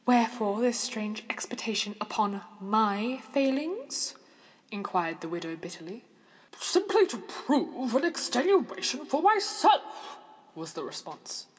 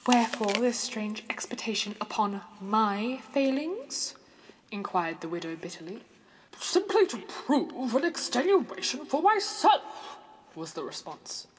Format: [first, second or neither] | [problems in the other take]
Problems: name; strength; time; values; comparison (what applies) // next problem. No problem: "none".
first | background sound (Chewing, mastication); 17 dB below the speech